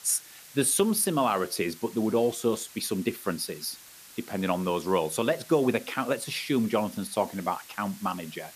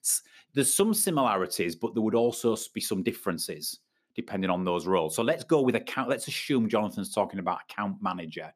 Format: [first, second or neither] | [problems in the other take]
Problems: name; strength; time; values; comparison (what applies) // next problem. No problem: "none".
second | hiss; noticeable; throughout; 20 dB below the speech